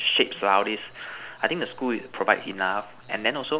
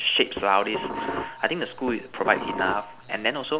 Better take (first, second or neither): first